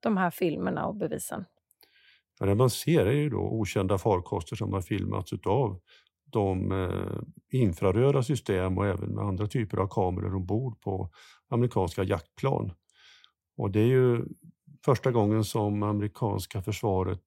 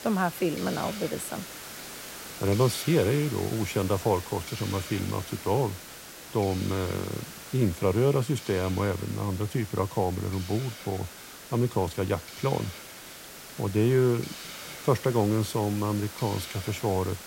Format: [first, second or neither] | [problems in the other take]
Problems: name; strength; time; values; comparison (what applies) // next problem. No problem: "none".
first | hiss; noticeable; throughout; 10 dB below the speech